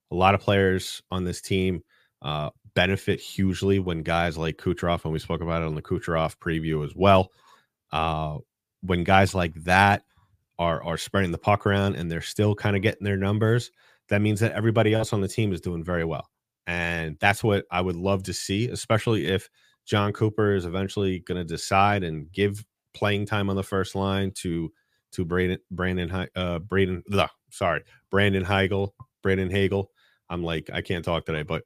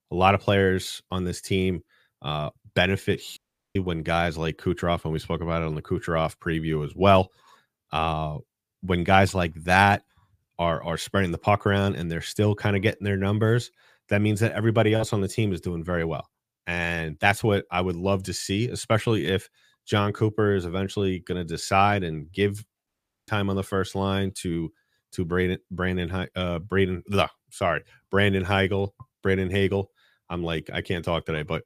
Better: first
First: none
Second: audio cutting out; at 3.5 s and at 23 s

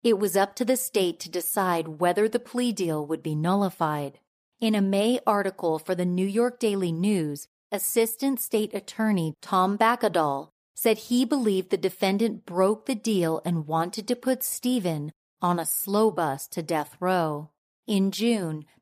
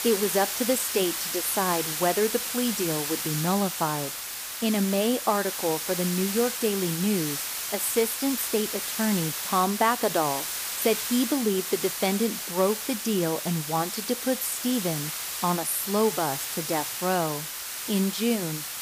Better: first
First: none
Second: hiss; loud; throughout; 3 dB below the speech

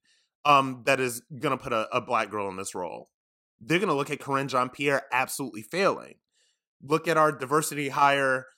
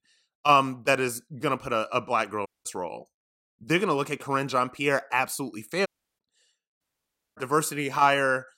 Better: first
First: none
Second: audio cutting out; at 2.5 s, at 6 s and at 7 s for 0.5 s

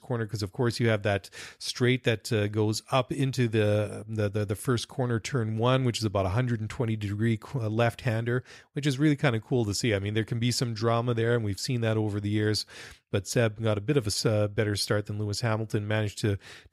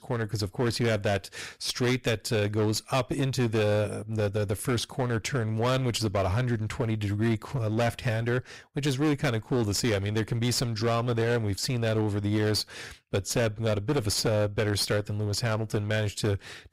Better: first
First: none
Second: distortion; heavy; 18% of the sound clipped

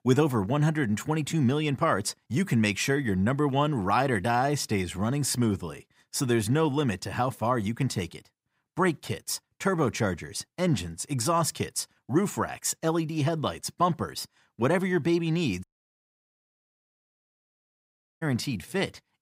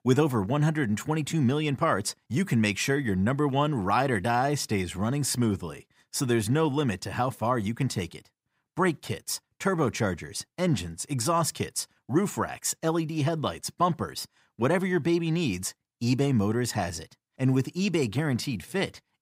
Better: second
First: audio cutting out; at 16 s for 2.5 s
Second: none

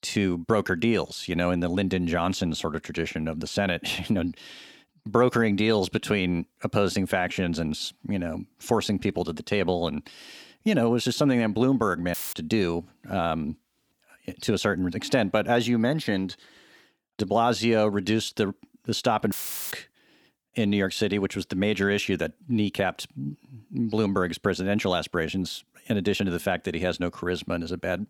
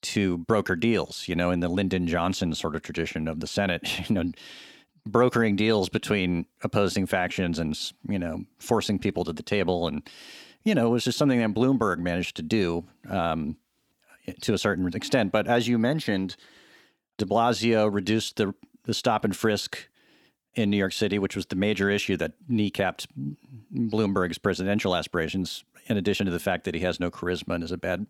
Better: second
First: audio cutting out; filled with static; at 12 s and at 19 s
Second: none

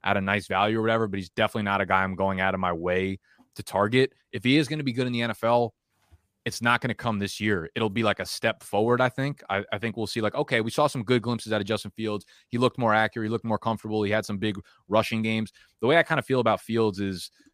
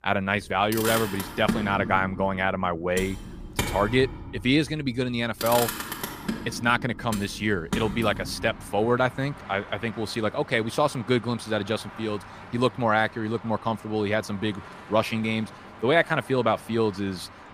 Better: first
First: none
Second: traffic noise; noticeable; throughout; 10 dB below the speech

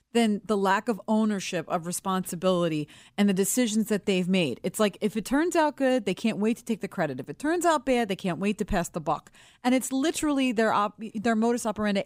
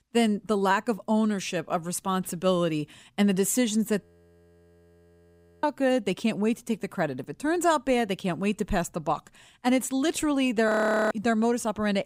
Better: first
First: none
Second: audio freezing; at 4 s for 1.5 s and at 11 s

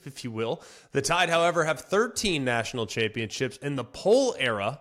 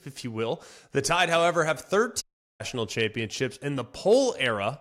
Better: first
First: none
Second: audio cutting out; at 2 s

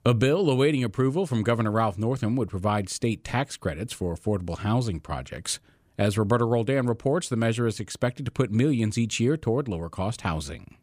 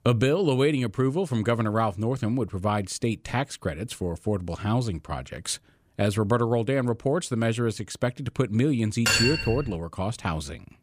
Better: first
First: none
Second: clattering dishes; loud; at 9 s; peak 5 dB above the speech

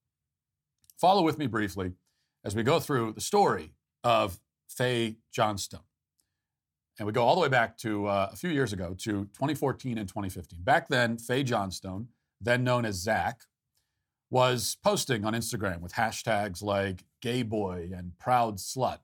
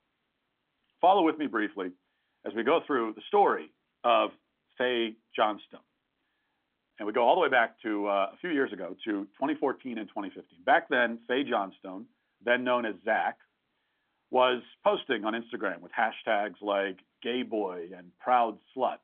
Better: first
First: none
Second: phone-call audio; nothing above 3.5 kHz

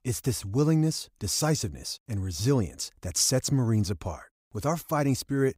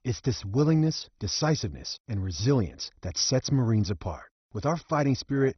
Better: first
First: none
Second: garbled, watery; badly; nothing above 6 kHz

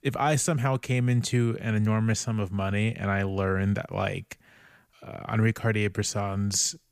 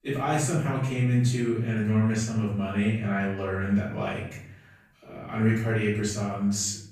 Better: first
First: none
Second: off-mic speech; far // room echo; noticeable; dies away in 0.6 s

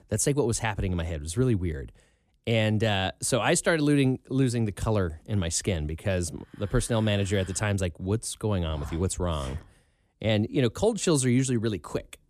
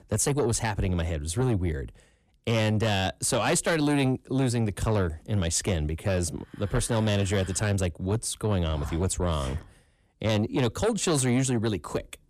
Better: first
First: none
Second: distortion; slight; 10 dB below the speech

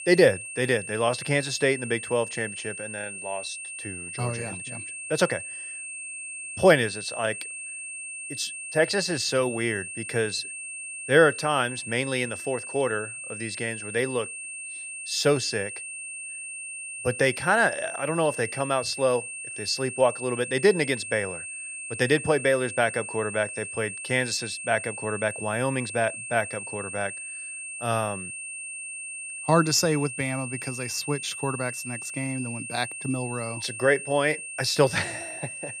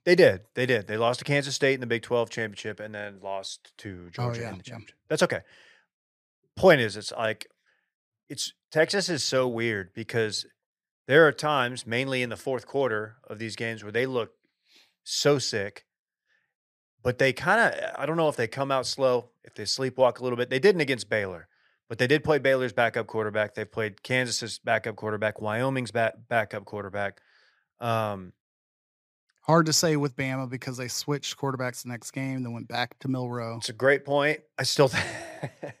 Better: second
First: high-pitched whine; loud; throughout; 2.5 kHz, 8 dB below the speech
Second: none

